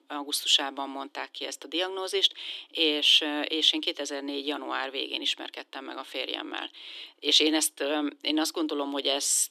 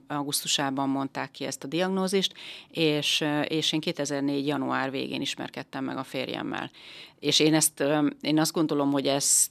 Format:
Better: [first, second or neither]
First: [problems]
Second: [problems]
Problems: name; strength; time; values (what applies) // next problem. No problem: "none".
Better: second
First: thin; very slightly; fading below 300 Hz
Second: none